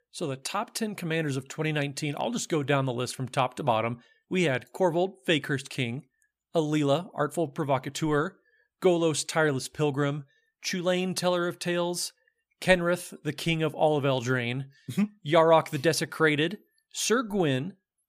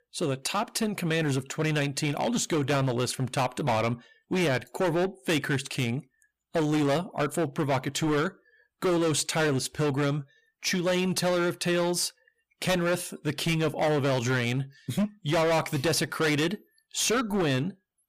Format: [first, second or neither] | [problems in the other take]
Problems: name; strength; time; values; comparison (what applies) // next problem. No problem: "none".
first | distortion; heavy; 16% of the sound clipped